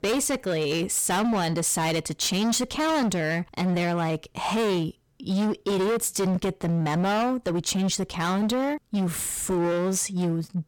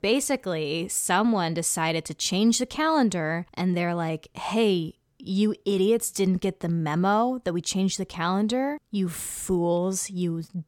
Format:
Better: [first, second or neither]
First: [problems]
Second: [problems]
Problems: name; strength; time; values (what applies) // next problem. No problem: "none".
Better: second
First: distortion; heavy; 27% of the sound clipped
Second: none